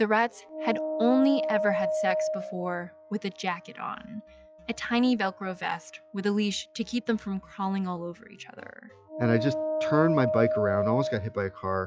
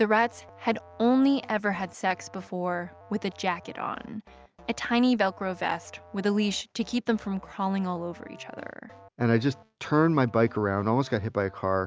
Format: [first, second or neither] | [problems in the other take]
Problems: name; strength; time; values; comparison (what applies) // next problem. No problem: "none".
second | noise reduction (classical method log-MMSE)